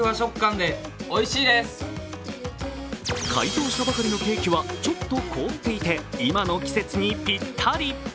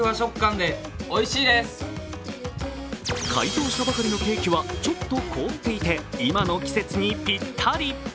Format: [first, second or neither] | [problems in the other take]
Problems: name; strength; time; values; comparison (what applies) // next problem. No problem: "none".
first | background sound (Walk, footsteps); 16 dB below the speech